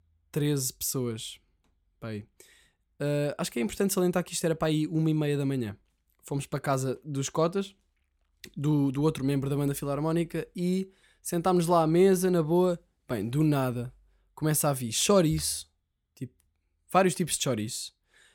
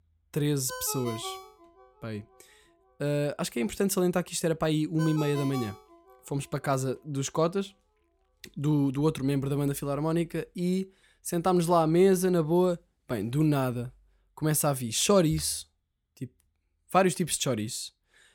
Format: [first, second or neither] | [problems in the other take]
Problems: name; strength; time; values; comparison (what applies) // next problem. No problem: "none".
first | phone ringing; faint; from 0.5 to 6 s; peak 10 dB below the speech